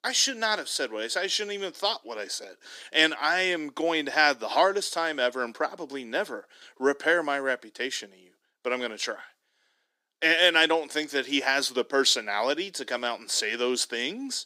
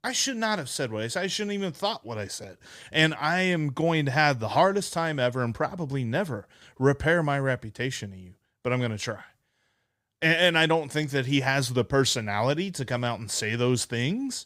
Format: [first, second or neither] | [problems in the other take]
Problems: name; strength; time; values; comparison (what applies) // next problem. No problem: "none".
second | thin; somewhat; fading below 300 Hz